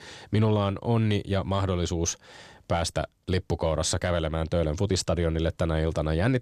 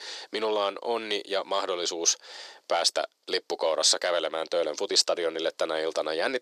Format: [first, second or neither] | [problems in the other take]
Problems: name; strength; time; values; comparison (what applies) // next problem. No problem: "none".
first | thin; very; fading below 400 Hz